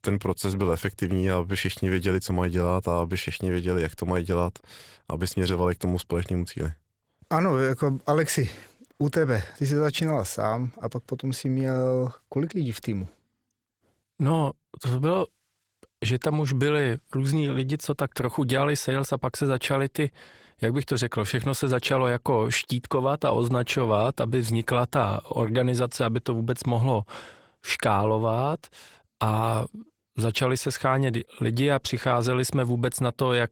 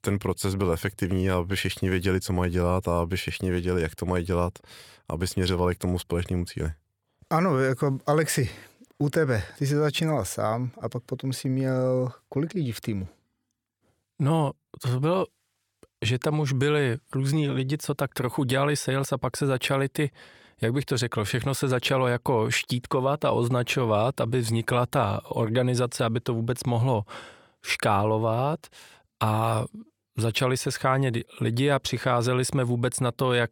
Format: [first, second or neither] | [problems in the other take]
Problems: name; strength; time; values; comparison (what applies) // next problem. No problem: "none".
second | garbled, watery; slightly; nothing above 18 kHz